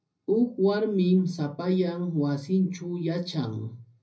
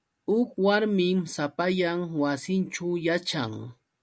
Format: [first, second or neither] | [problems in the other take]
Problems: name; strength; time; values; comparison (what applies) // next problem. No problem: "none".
second | room echo; dies away in 0.4 s